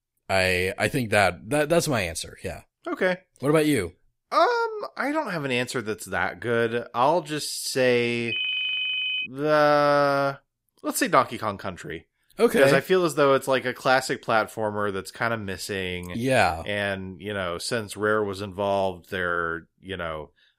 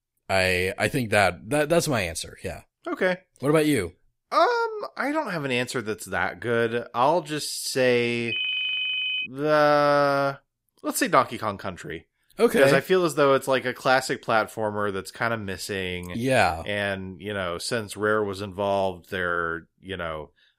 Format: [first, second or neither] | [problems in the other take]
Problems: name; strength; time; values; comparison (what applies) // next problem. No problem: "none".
neither | phone ringing; loud; at 8.5 s; peak level with the speech; the same in both